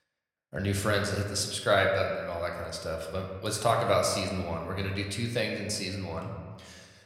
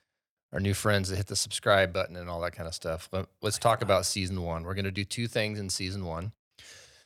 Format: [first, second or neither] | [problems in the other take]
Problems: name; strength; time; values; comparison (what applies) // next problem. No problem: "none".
second | room echo; slight; dies away in 1.3 s